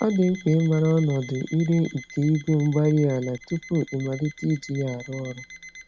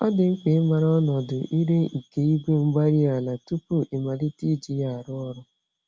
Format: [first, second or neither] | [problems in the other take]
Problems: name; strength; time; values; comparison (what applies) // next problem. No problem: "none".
second | background sound (Alarm); 20 dB below the speech